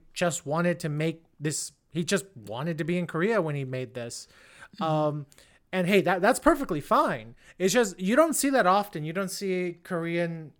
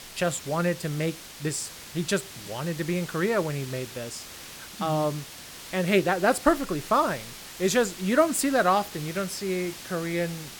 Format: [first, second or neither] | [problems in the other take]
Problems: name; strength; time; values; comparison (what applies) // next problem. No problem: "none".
first | hiss; noticeable; throughout; 15 dB below the speech